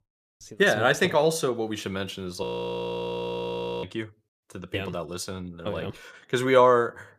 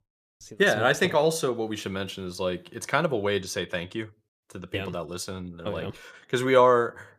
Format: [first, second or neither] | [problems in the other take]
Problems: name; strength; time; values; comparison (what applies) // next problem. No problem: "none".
second | audio freezing; at 2.5 s for 1.5 s